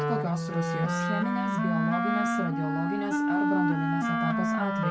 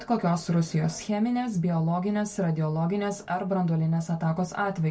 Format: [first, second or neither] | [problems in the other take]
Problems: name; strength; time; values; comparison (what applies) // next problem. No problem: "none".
second | background sound (Wind instrument, woodwind instrument); 4 dB above the speech